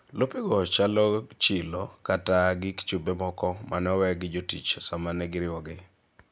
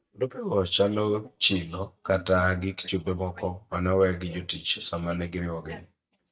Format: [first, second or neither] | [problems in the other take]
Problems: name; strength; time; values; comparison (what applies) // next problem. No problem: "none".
first | noise reduction (neural mask model DeepFilterNet 3)